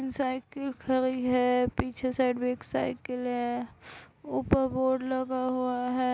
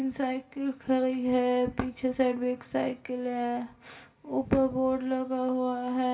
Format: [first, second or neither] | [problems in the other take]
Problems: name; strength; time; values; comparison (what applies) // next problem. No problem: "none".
first | room echo; dies away in 0.7 s